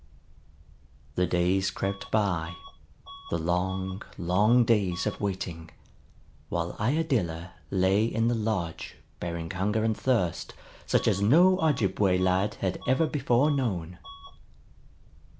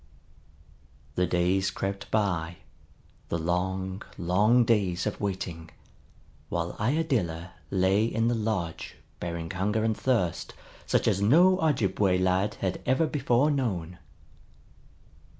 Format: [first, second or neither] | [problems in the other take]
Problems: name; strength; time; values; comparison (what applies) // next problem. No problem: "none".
second | background sound (Bus / Alarm); 20 dB below the speech